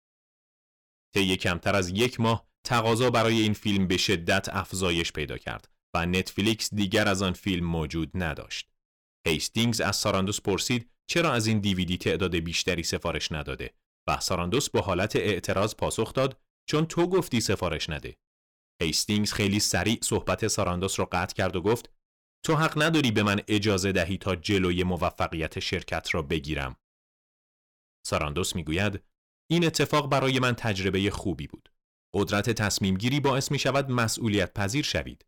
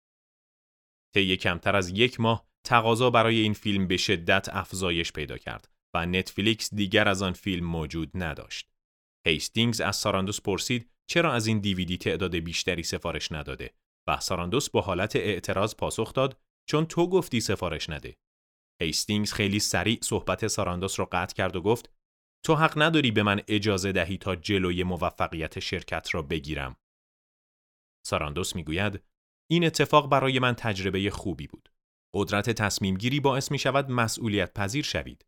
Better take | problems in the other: second | distortion; slight; 4% of the sound clipped

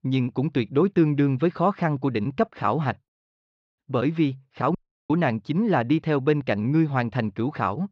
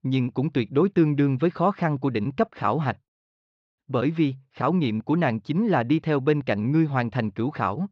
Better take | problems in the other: second | audio cutting out; at 5 s

